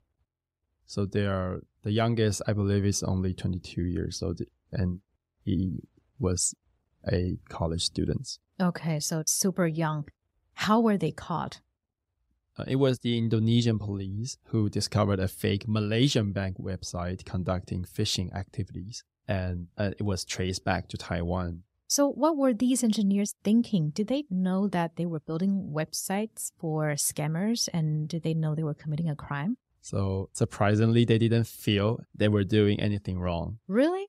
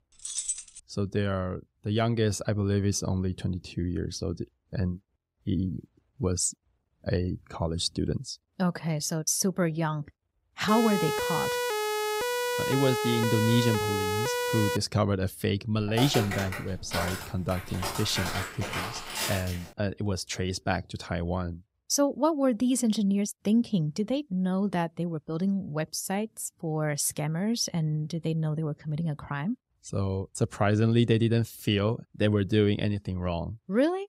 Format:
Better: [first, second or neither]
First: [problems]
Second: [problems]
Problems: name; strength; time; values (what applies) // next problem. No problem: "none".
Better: first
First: none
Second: jangling keys; noticeable; at 0.5 s; peak 2 dB below the speech // siren; loud; from 11 to 15 s; peak level with the speech // footsteps; noticeable; from 16 to 20 s; peak 2 dB below the speech